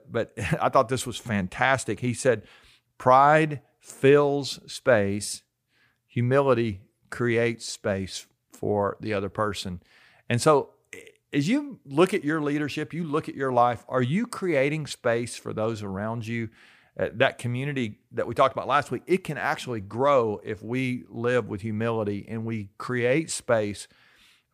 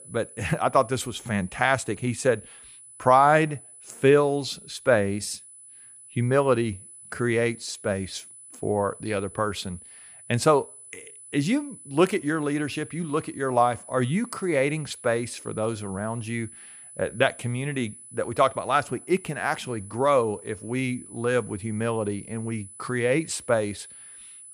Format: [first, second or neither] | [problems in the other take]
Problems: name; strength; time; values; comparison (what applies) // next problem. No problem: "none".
first | high-pitched whine; noticeable; throughout; 10 kHz, 20 dB below the speech